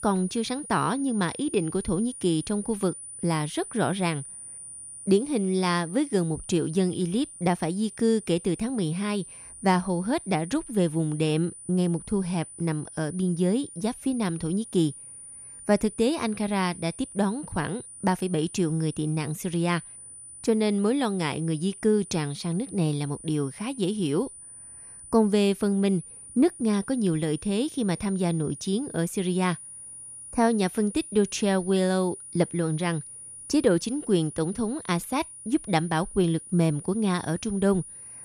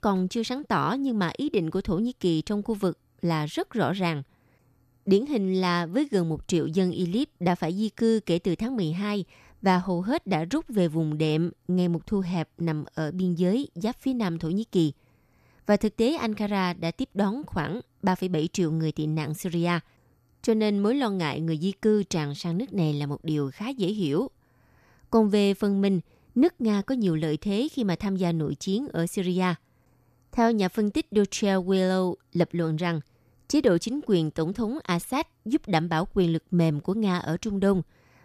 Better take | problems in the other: second | high-pitched whine; noticeable; throughout; 9.5 kHz, 15 dB below the speech

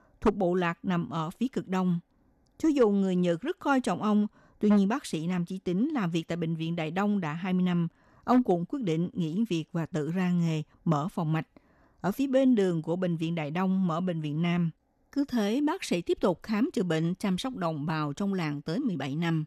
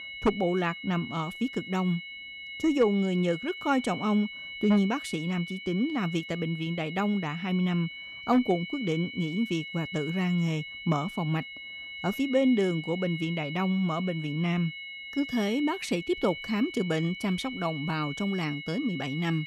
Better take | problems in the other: first | high-pitched whine; loud; throughout; 2 kHz, 9 dB below the speech

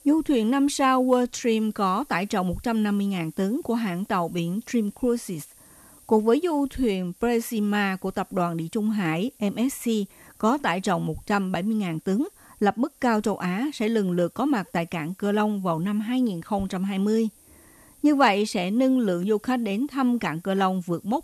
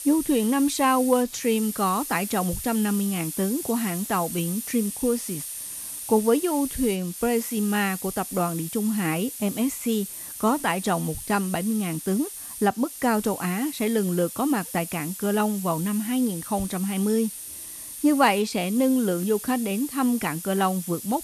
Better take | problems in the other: first | hiss; loud; throughout; 8 dB below the speech; faint in the first

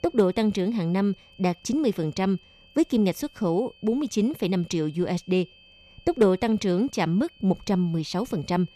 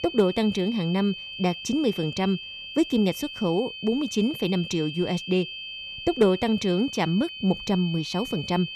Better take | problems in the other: first | high-pitched whine; loud; throughout; 3 kHz, 9 dB below the speech; faint in the first

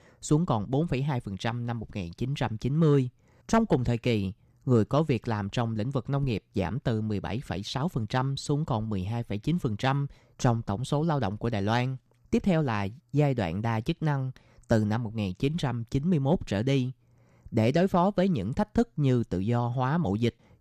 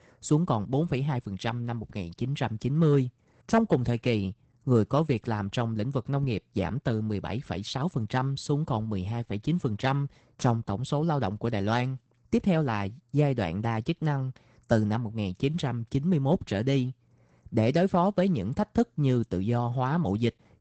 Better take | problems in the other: first | garbled, watery; badly; nothing above 8 kHz

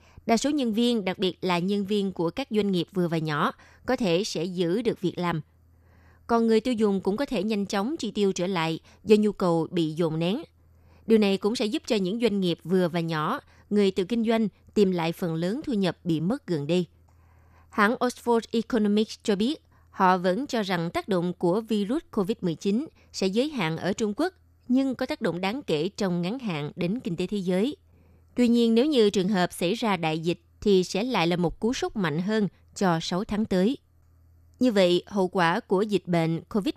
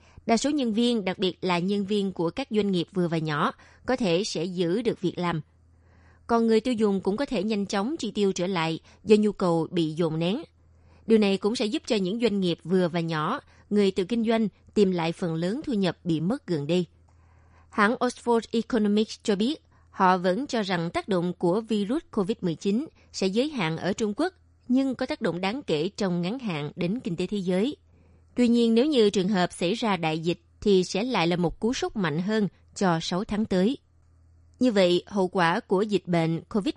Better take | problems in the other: first | garbled, watery; slightly; nothing above 10.5 kHz

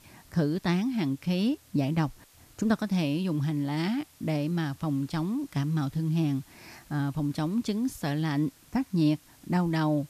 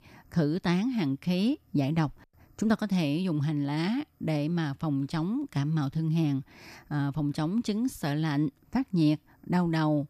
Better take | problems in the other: second | hiss; faint; throughout; 25 dB below the speech

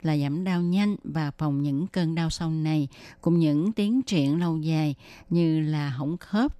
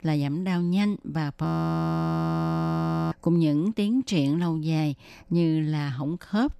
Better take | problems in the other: first | audio freezing; at 1.5 s for 1.5 s

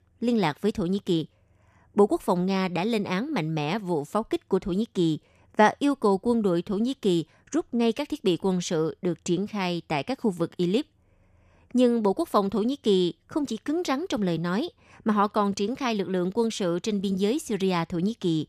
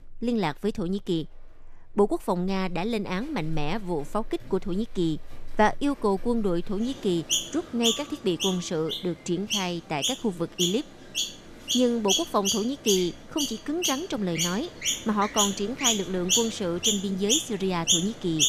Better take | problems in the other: first | animal sounds; very loud; throughout; 1 dB above the speech

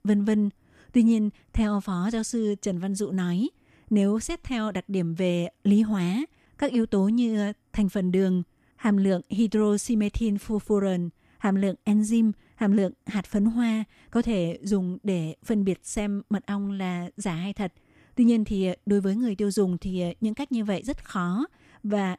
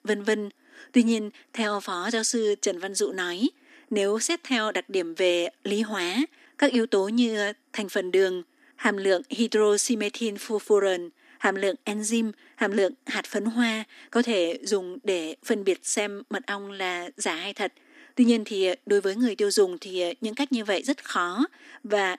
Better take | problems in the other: first | thin; somewhat; fading below 250 Hz

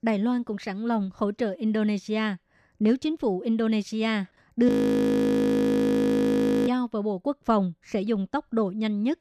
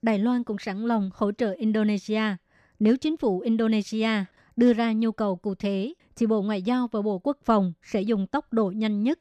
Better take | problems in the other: second | audio freezing; at 4.5 s for 2 s

